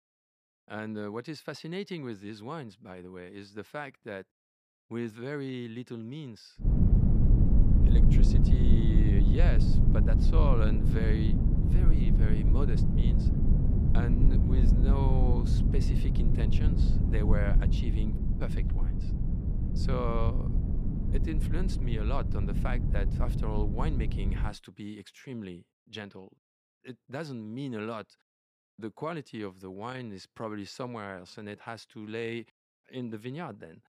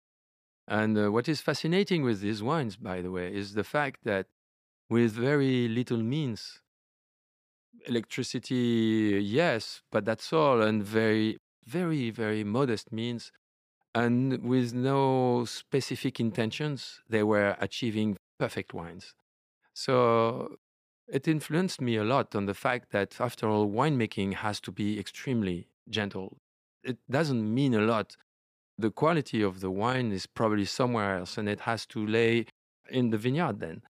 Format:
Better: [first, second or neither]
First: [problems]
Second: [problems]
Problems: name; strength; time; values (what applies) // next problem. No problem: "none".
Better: second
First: low rumble; loud; from 6.5 to 25 s; as loud as the speech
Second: none